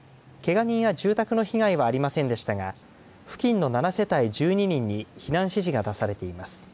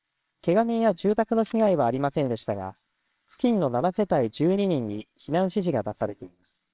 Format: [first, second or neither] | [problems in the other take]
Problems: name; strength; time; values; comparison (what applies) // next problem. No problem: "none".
first | noise reduction (neural separator model SepFormer WHAMR!)